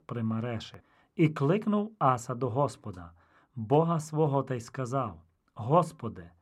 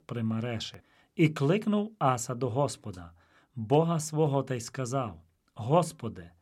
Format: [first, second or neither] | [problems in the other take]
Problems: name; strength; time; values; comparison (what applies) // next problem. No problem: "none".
second | muffled; slightly; fading above 2.5 kHz